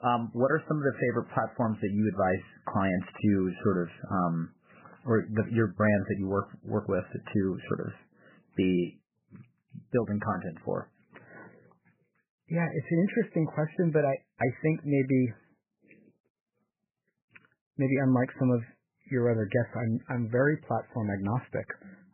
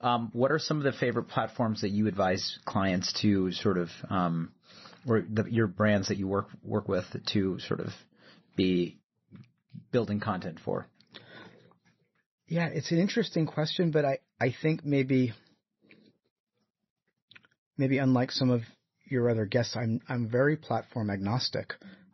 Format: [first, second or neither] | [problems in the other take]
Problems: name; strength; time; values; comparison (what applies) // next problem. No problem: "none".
second | garbled, watery; badly; nothing above 3 kHz; slightly in the second